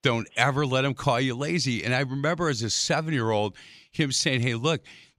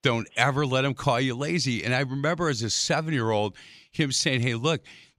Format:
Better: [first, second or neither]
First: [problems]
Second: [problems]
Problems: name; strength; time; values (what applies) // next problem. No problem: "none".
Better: neither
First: none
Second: none